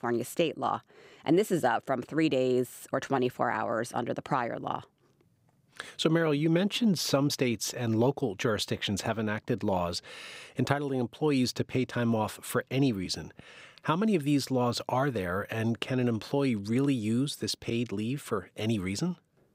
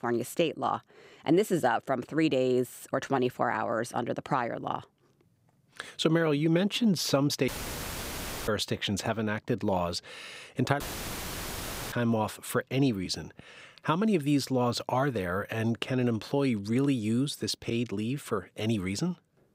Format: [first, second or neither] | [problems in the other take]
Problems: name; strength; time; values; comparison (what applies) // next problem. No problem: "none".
first | audio cutting out; filled with static; at 7.5 s for 1 s and at 11 s for 1 s